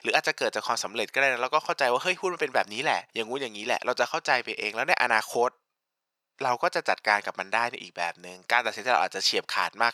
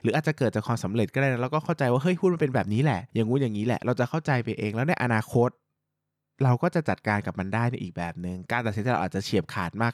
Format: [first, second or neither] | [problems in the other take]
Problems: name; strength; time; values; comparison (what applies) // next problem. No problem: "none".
second | thin; very; fading below 750 Hz